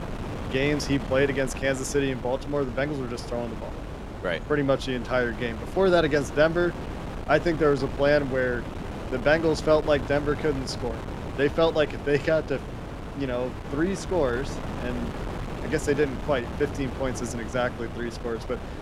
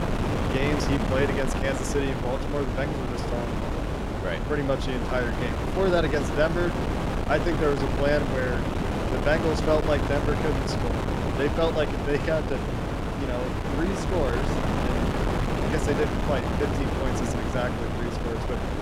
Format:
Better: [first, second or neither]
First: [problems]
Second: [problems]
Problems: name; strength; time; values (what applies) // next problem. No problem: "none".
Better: first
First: wind noise on the microphone; occasional gusts; 10 dB below the speech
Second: wind noise on the microphone; heavy; 2 dB below the speech